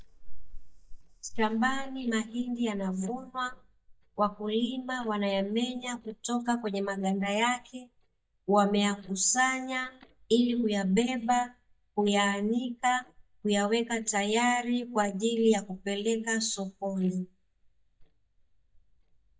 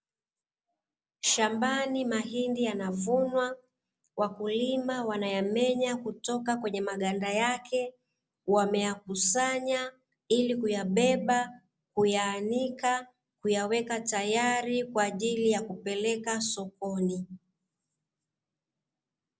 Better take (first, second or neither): second